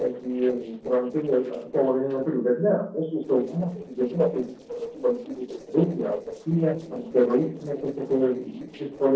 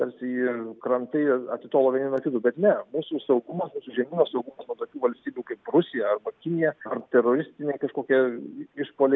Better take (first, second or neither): second